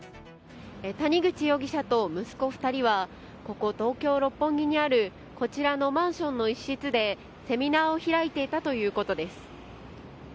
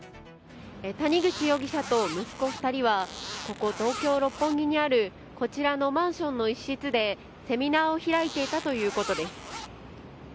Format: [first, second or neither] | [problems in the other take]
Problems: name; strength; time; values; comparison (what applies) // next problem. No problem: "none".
first | background sound (Zipper (clothing)); 11 dB below the speech